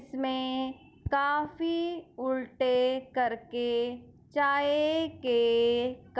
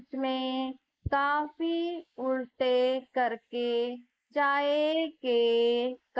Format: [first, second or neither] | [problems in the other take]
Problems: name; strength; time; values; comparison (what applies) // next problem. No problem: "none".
first | noise reduction (neural mask model Resemble Enhance denoiser)